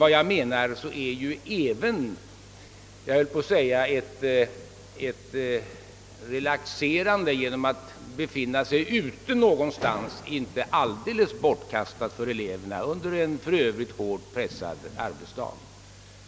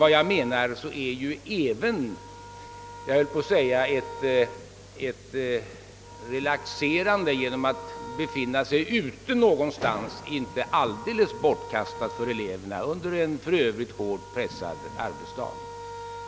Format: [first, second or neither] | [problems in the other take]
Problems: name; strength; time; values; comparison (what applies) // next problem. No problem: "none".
first | background sound (Wind instrument, woodwind instrument); 16 dB below the speech